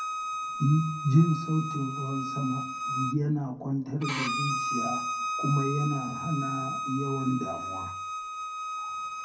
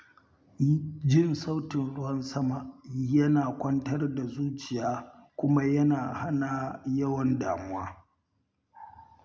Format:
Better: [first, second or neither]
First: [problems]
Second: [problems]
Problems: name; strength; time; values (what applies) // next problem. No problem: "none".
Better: second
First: background sound (Bowed string instrument); 4 dB below the speech // room echo; dies away in 0.3 s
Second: none